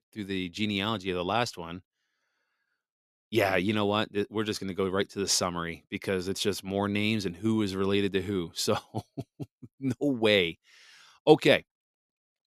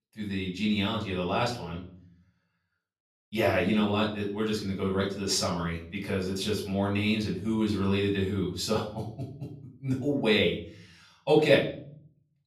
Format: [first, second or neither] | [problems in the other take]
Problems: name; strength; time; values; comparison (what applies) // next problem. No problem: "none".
first | off-mic speech; far // room echo; slight; dies away in 0.5 s